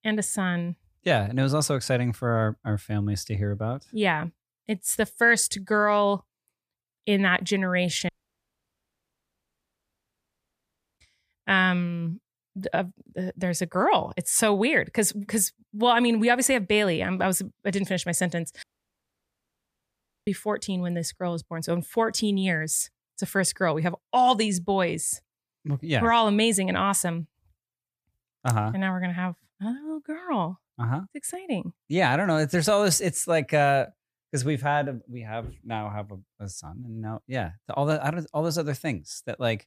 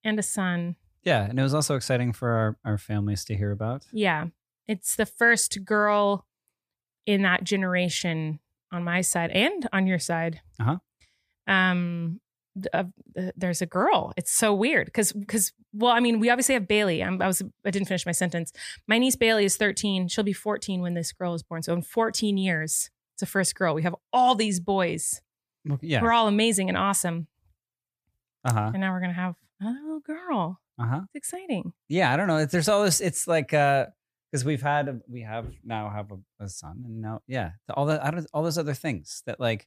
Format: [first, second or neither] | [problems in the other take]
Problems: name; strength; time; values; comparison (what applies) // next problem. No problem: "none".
second | audio cutting out; at 8 s for 3 s and at 19 s for 1.5 s